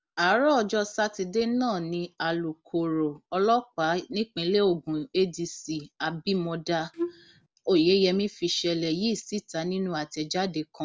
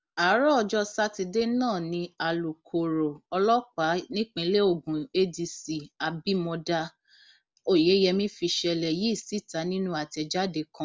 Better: second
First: background sound (Wind instrument, woodwind instrument); 7 dB below the speech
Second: none

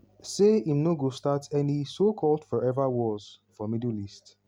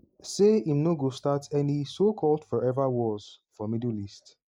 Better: first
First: none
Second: noise reduction (neural mask model Resemble Enhance denoiser)

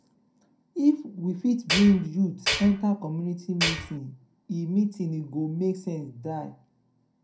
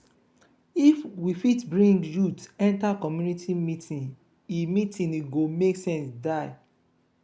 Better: second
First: background sound (Tools); 1 dB below the speech // room echo; dies away in 0.2 s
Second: none

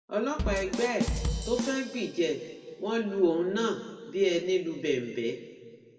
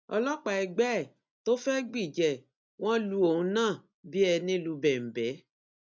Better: second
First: background sound (Bass drum / Drum kit); 5 dB below the speech // room echo; dies away in 1.6 s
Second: none

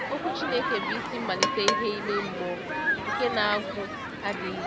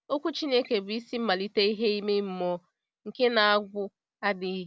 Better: second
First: background sound (Human group actions + Percussion); 1 dB above the speech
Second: none

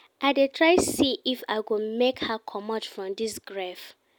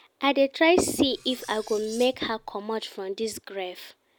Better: first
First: none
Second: background sound (Cutlery, silverware); 20 dB below the speech

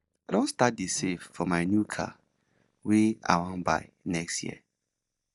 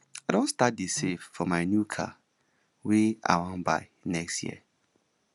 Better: second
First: noise reduction (neural mask model DeepFilterNet 3)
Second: none

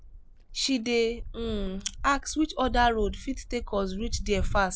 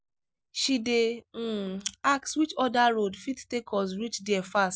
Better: second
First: background sound (Wind); 6 dB below the speech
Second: none

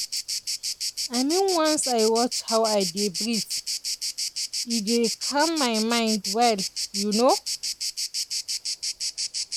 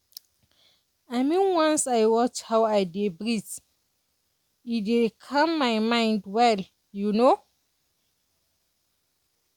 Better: second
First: noise reduction (neural mask model Resemble Enhance denoiser)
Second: none

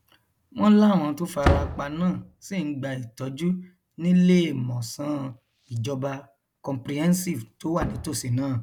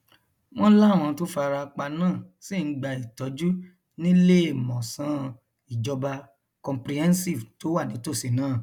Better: second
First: background sound (Slam); 10 dB below the speech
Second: none

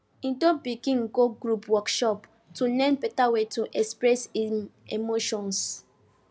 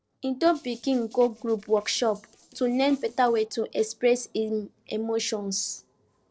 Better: first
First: none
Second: noise reduction (neural separator model SepFormer DNS4)

